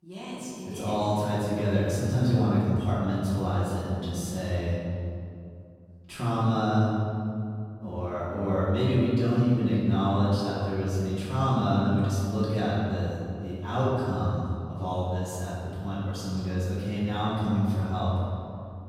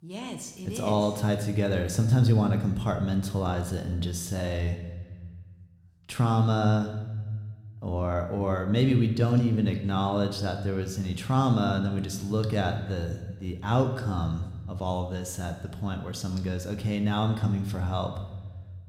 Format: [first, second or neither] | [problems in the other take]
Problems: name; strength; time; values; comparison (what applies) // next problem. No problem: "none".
second | room echo; strong; dies away in 2.2 s; slight in the second // off-mic speech; far